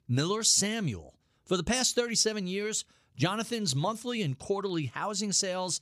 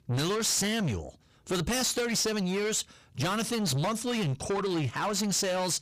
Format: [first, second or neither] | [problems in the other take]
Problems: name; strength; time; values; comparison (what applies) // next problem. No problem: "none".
first | distortion; heavy; 5 dB below the speech